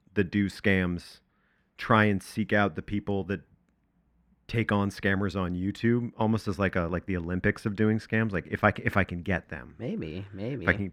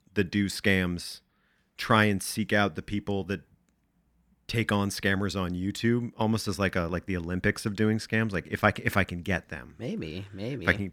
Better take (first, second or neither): second